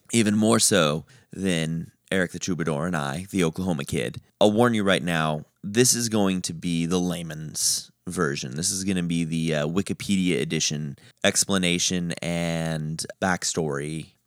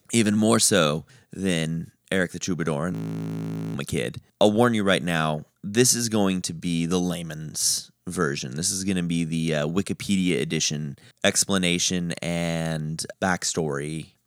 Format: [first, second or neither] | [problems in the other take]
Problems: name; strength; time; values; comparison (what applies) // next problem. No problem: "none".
first | audio freezing; at 3 s for 1 s